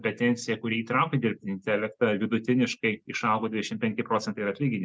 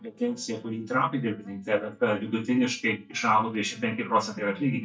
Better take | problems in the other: first | noise reduction (neural mask model DeepFilterNet 3)

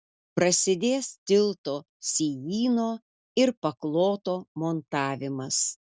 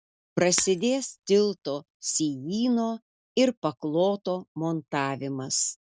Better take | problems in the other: first | background sound (Shatter); 16 dB below the speech

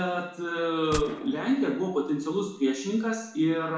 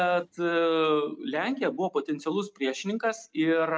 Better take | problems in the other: second | background sound (Gunshot, gunfire); 14 dB below the speech // room echo; dies away in 0.6 s

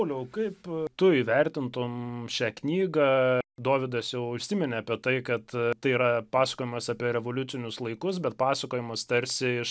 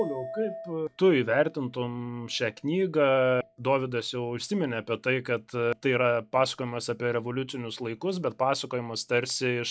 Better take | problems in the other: first | noise reduction (classical method log-MMSE)

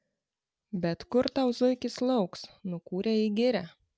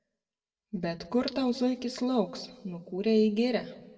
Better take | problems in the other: first | room echo; dies away in 1 s

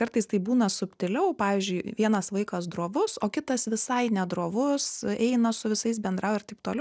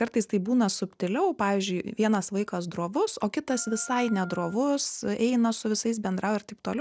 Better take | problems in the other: first | background sound (Wind instrument, woodwind instrument); 20 dB below the speech

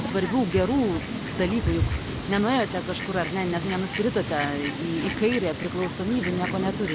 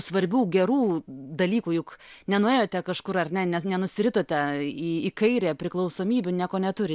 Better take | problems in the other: second | background sound (Fowl); 4 dB below the speech

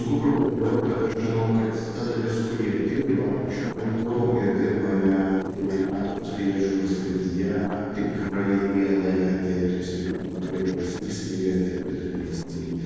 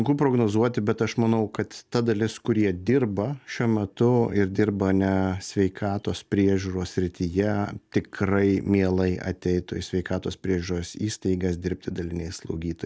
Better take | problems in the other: second | noise reduction (neural separator model SepFormer DNS4)

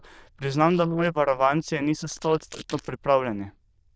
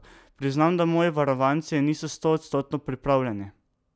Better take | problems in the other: second | noise reduction (neural diffusion model UNIVERSE++)

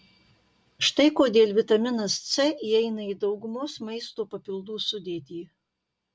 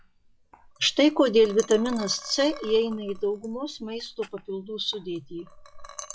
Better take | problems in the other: first | noise reduction (classical method log-MMSE)

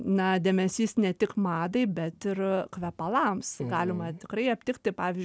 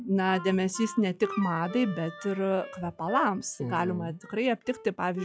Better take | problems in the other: first | noise reduction (classical method log-MMSE)

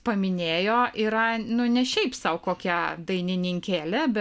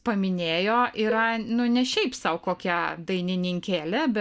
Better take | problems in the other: first | noise reduction (neural mask model DeepFilterNet 3)

